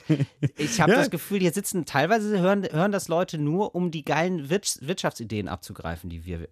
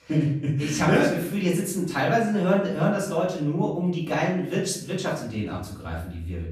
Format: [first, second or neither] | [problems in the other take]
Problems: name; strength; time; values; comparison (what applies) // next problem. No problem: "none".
first | off-mic speech; far // room echo; noticeable; dies away in 0.6 s